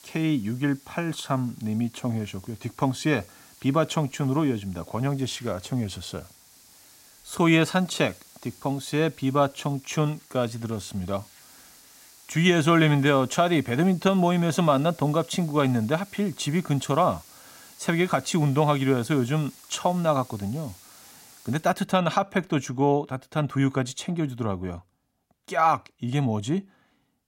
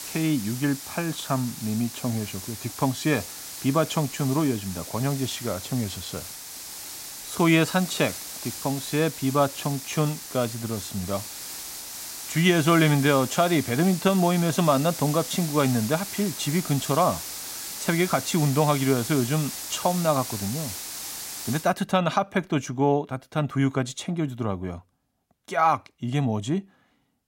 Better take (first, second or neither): first